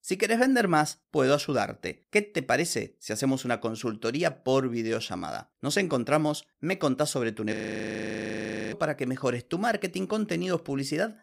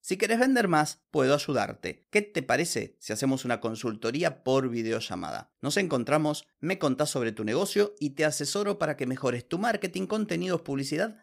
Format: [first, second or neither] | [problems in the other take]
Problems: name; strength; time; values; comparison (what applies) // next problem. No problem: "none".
second | audio freezing; at 7.5 s for 1 s